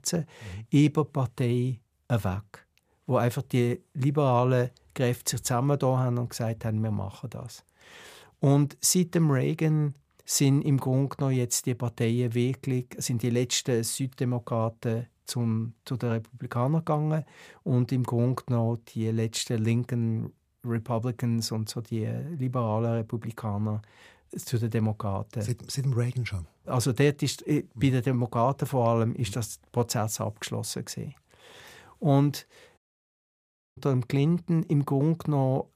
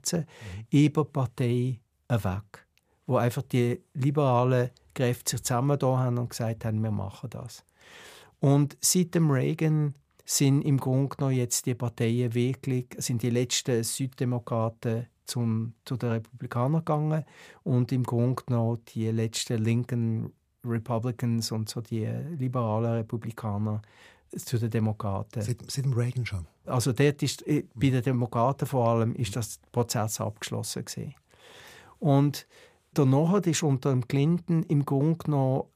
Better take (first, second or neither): second